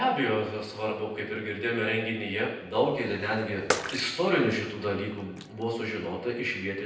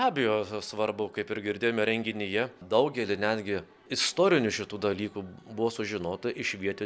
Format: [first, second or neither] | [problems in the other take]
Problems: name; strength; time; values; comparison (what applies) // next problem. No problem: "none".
second | background sound (Bathtub (filling or washing) / Water / Splash, splatter); 8 dB below the speech // room echo; dies away in 0.9 s